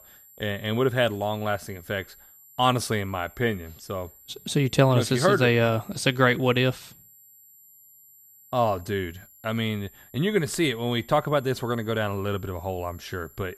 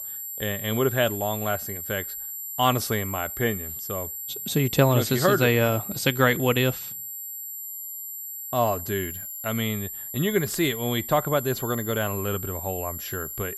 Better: first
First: high-pitched whine; faint; throughout; 12 kHz, 25 dB below the speech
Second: high-pitched whine; loud; throughout; 12 kHz, 7 dB below the speech

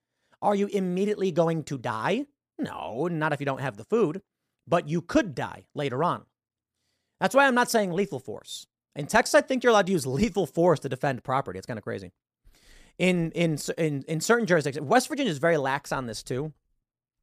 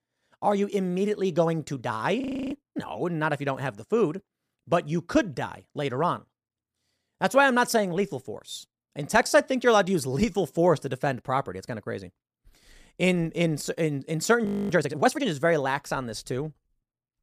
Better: first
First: none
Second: audio freezing; at 2 s and at 14 s

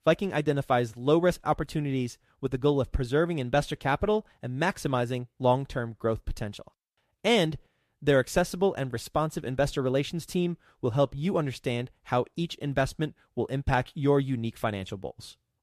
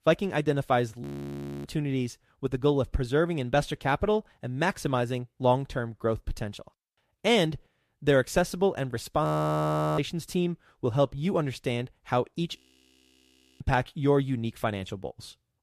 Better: first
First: none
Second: audio freezing; at 1 s for 0.5 s, at 9.5 s for 0.5 s and at 13 s for 1 s

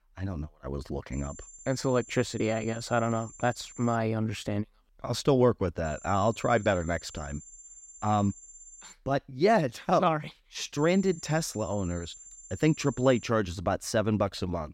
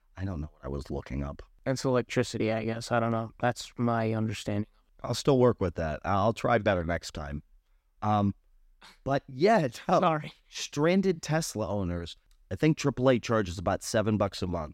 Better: second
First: high-pitched whine; noticeable; from 1 to 4 s, from 6 to 9 s and from 11 to 13 s; 7 kHz, 20 dB below the speech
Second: none

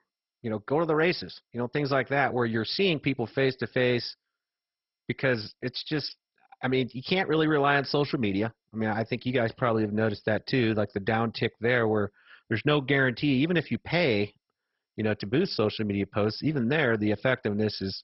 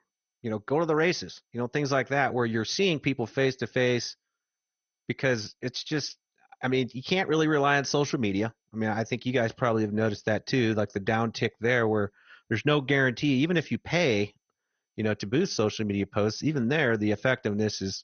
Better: second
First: garbled, watery; badly; nothing above 5.5 kHz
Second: garbled, watery; slightly; nothing above 6.5 kHz

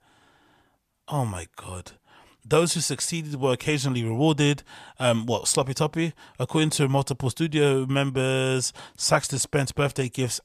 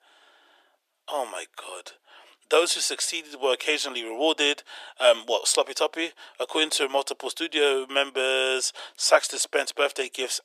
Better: first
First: none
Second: thin; very; fading below 350 Hz

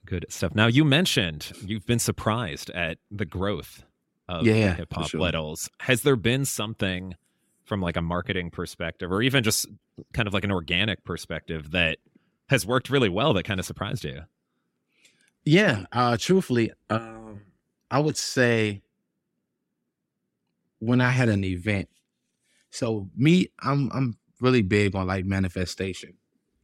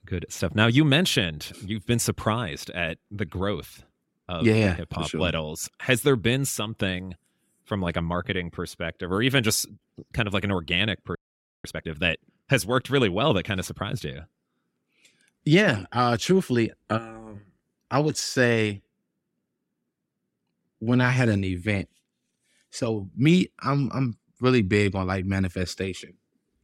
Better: first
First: none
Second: audio freezing; at 11 s

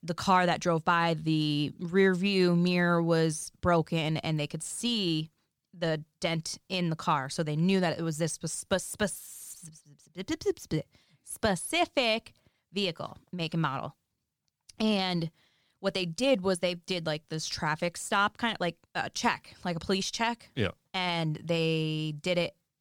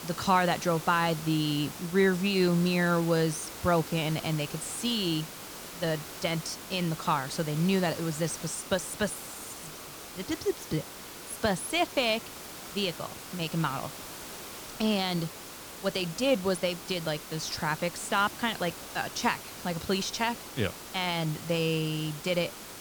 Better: first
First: none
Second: hiss; noticeable; throughout; 10 dB below the speech

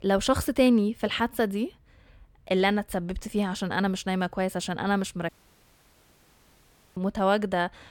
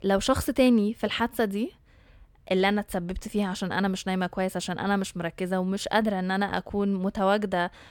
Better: second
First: audio cutting out; at 5.5 s for 1.5 s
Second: none

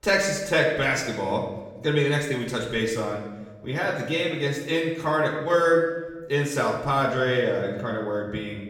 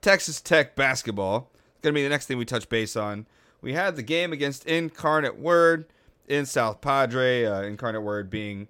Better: second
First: room echo; noticeable; dies away in 1 s // off-mic speech; far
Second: none

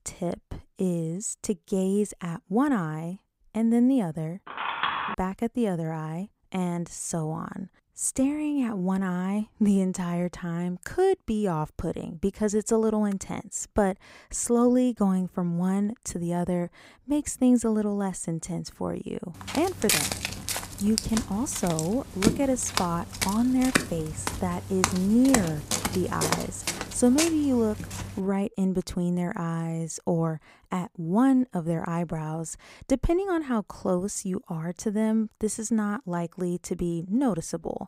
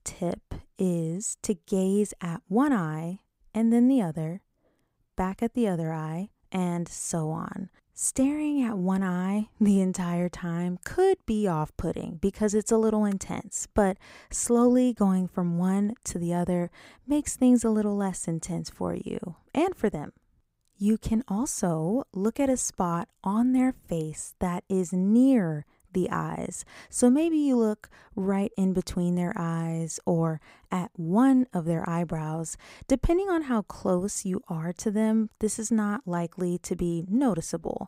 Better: second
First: phone ringing; noticeable; at 4.5 s; peak level with the speech // footsteps; loud; from 20 to 28 s; peak 4 dB above the speech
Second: none

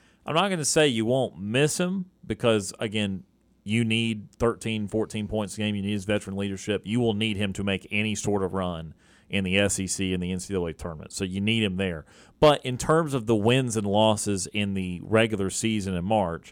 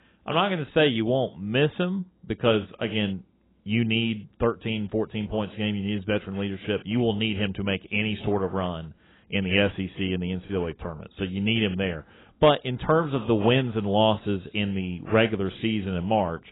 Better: first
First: none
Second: garbled, watery; badly; nothing above 3.5 kHz

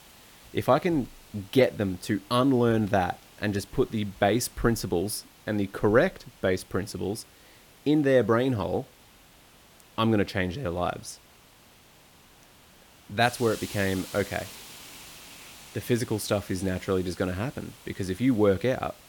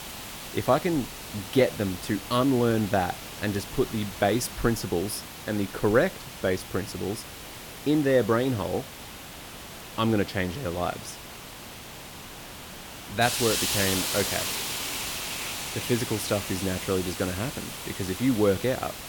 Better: first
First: hiss; faint; throughout; 20 dB below the speech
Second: hiss; loud; throughout; 6 dB below the speech

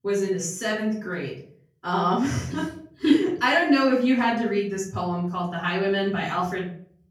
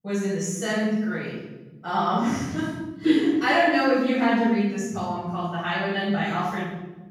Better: first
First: room echo; slight; dies away in 0.5 s // off-mic speech; far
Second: room echo; strong; dies away in 1.2 s // off-mic speech; far

